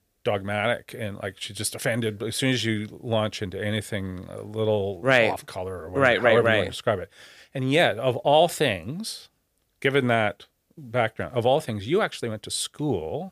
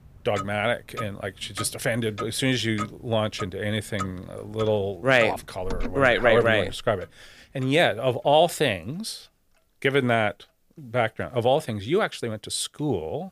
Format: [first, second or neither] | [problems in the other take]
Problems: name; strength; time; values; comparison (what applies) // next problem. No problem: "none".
first | household noises; noticeable; throughout; 15 dB below the speech